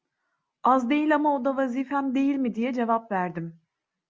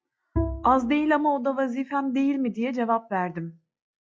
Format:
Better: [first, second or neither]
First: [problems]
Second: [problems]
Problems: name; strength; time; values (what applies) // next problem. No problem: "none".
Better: first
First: none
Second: noise reduction (classical method log-MMSE)